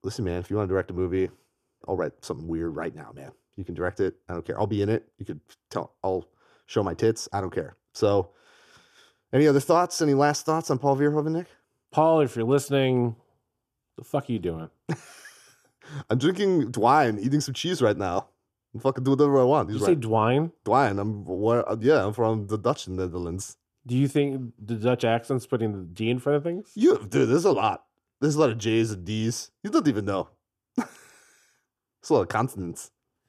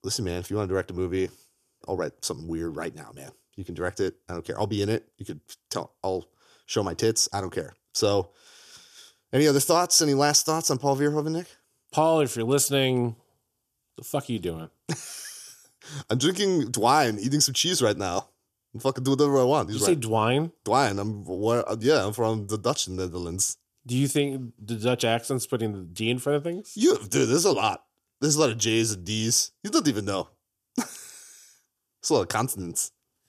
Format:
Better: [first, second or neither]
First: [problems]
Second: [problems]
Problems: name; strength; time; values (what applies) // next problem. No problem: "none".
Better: second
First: muffled; slightly; fading above 3 kHz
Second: none